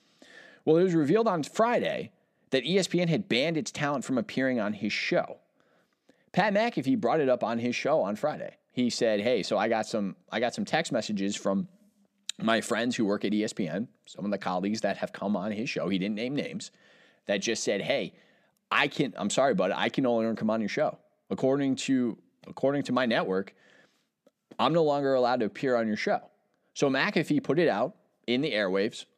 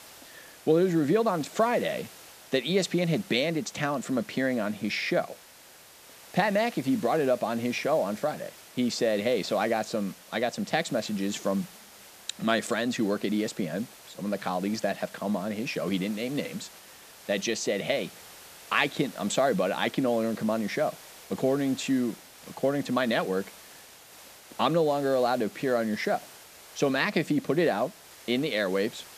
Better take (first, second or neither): first